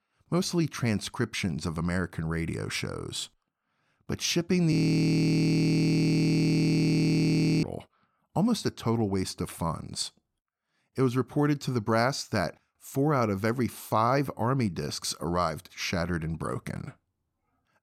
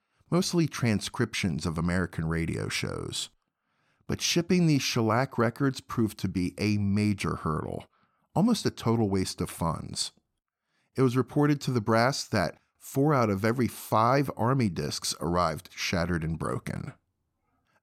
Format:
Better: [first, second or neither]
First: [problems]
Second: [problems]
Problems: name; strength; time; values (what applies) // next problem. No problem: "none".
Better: second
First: audio freezing; at 4.5 s for 3 s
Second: none